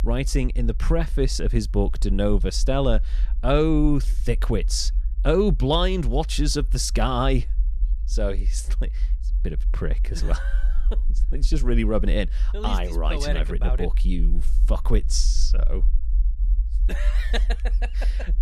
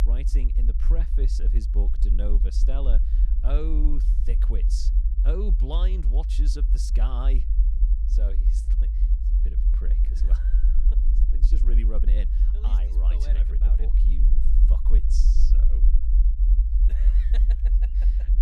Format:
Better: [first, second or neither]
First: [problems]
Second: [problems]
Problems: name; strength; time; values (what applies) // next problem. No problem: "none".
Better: first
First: low rumble; faint; throughout; 25 dB below the speech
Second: low rumble; loud; throughout; 4 dB below the speech